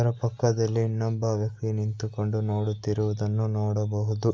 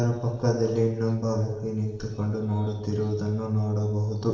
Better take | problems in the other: first | noise reduction (neural separator model SepFormer DNS4)

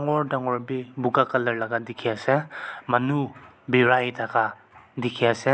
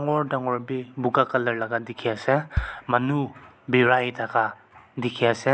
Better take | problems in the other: first | background sound (Bass drum); 12 dB below the speech

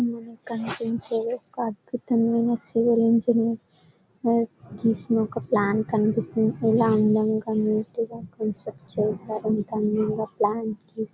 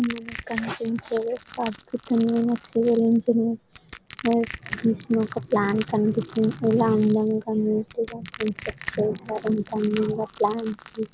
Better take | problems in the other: first | background sound (Crushing); 17 dB below the speech

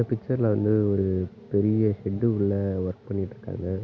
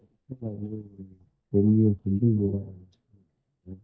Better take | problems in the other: first | noise reduction (neural mask model DeepFilterNet 3)

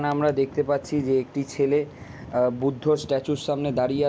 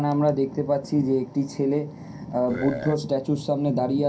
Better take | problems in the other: first | background sound (Burping, eructation); 8 dB below the speech // room echo; dies away in 0.3 s

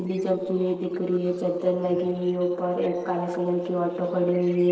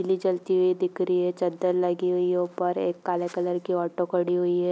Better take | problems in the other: second | noise reduction (neural separator model SepFormer DNS4)

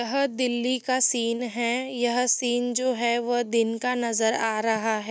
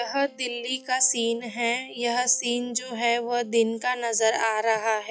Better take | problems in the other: first | noise reduction (classical method log-MMSE)

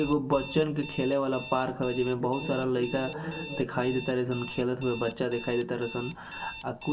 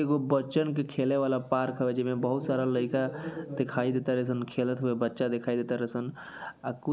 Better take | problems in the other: second | background sound (Alarm); 14 dB below the speech // room echo; dies away in 0.2 s

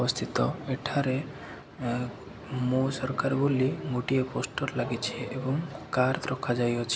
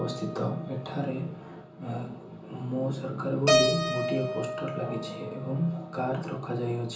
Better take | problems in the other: first | background sound (Keyboard (musical)); 2 dB below the speech // room echo; dies away in 0.7 s

